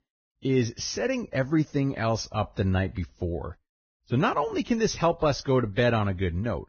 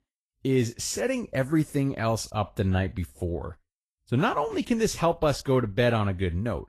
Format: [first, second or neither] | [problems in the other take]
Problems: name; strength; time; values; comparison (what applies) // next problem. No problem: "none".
second | garbled, watery; badly; nothing above 6.5 kHz; slightly in the second